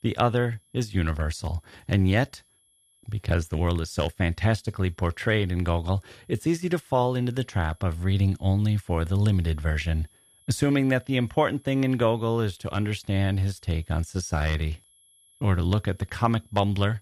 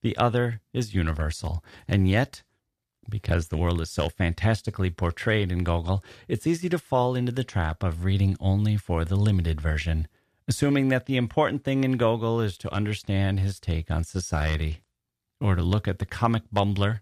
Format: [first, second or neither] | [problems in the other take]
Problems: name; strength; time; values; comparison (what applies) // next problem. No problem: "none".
second | high-pitched whine; faint; throughout; 11 kHz, 30 dB below the speech